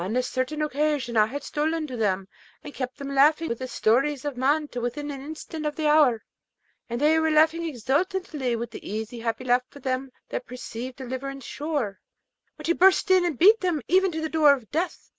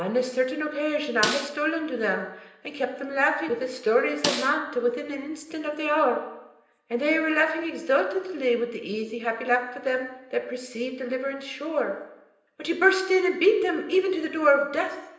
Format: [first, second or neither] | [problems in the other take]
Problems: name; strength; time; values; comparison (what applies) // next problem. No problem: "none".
first | background sound (Snare drum); 7 dB below the speech // room echo; dies away in 0.9 s